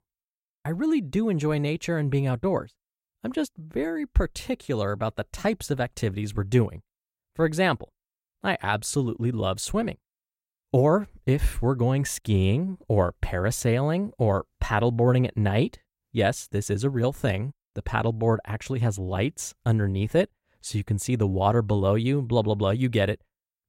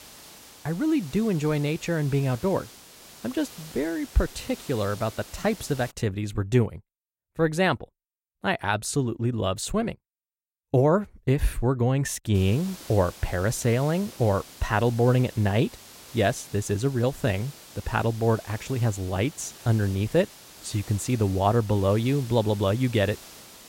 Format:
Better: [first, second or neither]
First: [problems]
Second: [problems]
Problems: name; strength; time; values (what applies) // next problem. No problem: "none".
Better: first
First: none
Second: hiss; noticeable; until 6 s and from 12 s on; 20 dB below the speech